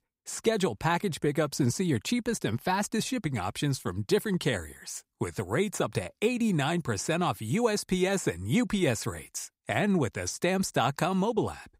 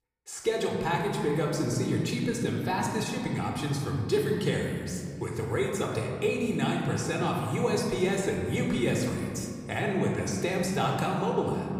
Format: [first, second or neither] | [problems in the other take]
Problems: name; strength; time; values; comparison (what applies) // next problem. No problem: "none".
first | room echo; noticeable; dies away in 2.5 s